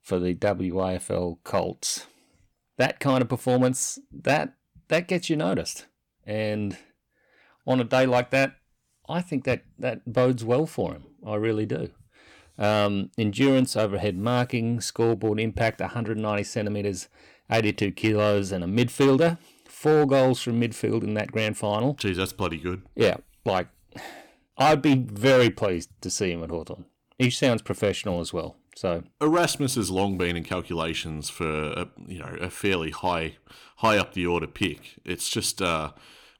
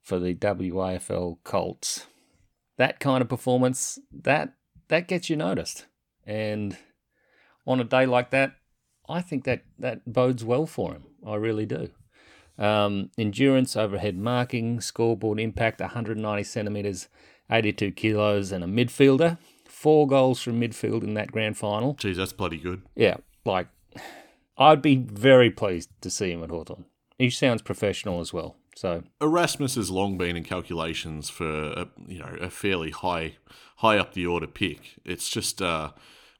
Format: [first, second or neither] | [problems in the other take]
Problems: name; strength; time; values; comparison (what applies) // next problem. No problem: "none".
second | distortion; slight; 2% of the sound clipped